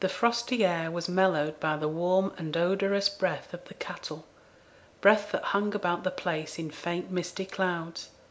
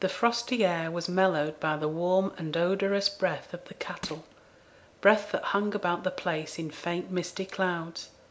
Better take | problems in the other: first | background sound (Crushing); 16 dB below the speech

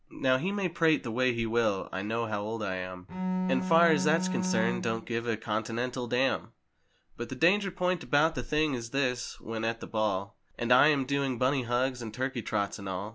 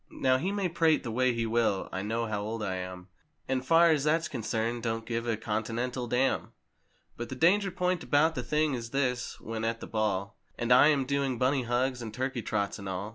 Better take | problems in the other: second | background sound (Bowed string instrument); 2 dB below the speech

